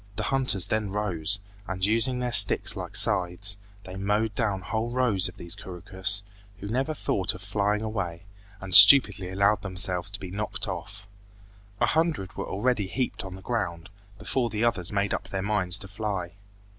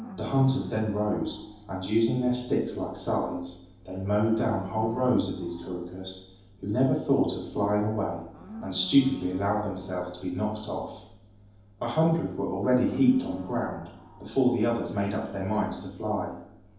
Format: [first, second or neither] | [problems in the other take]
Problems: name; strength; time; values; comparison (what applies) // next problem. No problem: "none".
first | background sound (Livestock, farm animals, working animals); 20 dB below the speech // room echo; dies away in 0.9 s